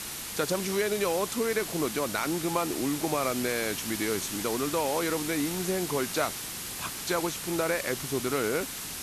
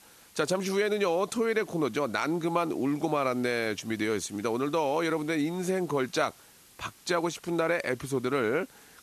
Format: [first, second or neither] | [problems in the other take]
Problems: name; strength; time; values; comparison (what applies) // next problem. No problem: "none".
second | hiss; loud; throughout; 4 dB below the speech; faint in the second